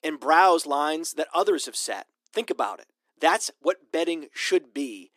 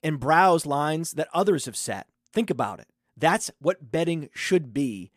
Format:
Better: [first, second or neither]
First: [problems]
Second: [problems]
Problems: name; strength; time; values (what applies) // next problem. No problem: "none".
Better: second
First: thin; somewhat; fading below 300 Hz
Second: none